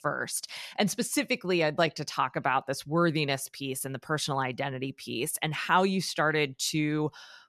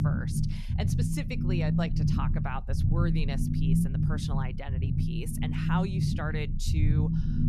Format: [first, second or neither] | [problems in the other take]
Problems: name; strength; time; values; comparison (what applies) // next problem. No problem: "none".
first | low rumble; loud; throughout; as loud as the speech